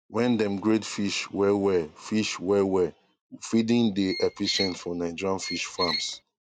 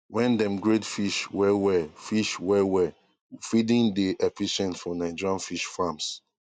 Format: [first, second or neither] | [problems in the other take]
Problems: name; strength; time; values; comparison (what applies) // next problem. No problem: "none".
second | background sound (Squeak); 7 dB below the speech